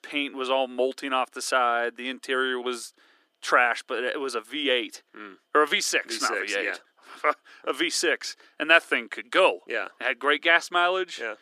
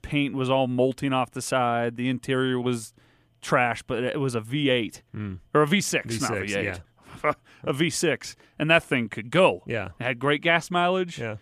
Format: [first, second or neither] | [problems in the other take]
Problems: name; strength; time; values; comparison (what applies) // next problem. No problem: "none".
second | thin; somewhat; fading below 300 Hz